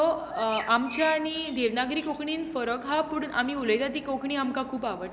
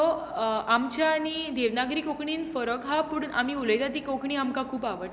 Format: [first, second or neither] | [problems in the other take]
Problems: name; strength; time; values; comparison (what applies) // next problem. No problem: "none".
second | background sound (Bird); 14 dB below the speech